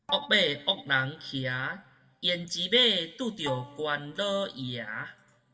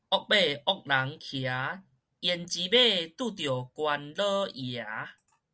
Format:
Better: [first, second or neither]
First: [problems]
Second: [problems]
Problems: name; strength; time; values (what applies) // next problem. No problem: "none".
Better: second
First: background sound (Bowed string instrument); 16 dB below the speech // room echo; dies away in 1 s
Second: none